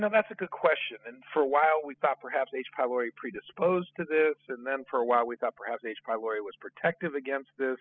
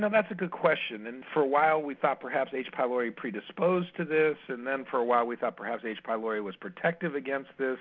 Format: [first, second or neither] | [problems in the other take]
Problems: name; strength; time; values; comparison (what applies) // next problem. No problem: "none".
second | noise reduction (classical method spectral subtraction)